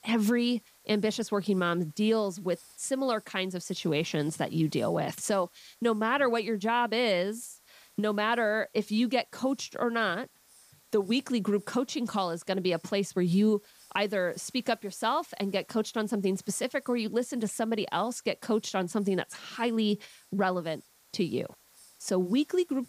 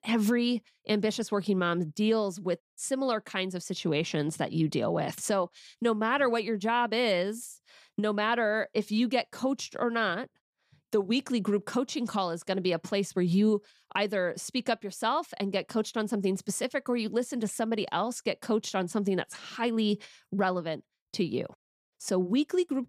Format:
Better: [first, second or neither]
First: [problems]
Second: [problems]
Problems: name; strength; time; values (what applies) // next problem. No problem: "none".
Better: second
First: hiss; faint; throughout; 25 dB below the speech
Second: none